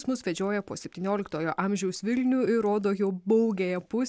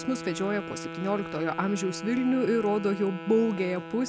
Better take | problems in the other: first | background sound (Wind instrument, woodwind instrument); 11 dB below the speech

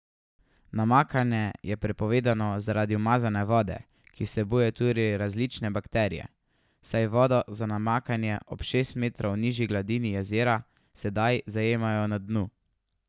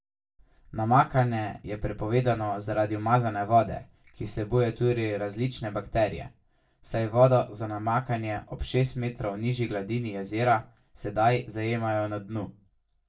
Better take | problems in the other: first | room echo; dies away in 0.2 s

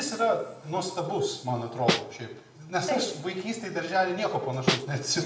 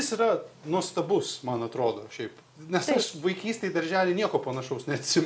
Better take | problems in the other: second | background sound (Snare drum); 3 dB above the speech // room echo; dies away in 0.7 s

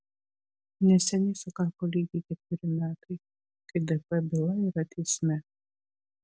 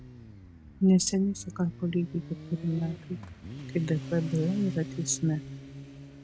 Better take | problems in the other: first | background sound (Motorcycle); 12 dB below the speech

